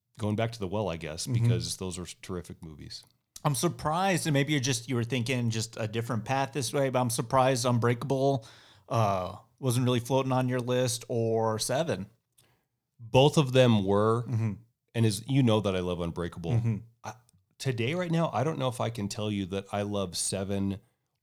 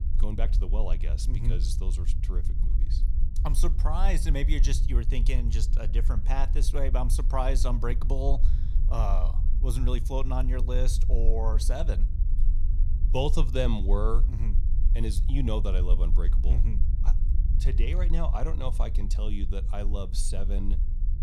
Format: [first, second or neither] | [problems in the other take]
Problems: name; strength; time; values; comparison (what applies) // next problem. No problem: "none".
first | low rumble; noticeable; throughout; 15 dB below the speech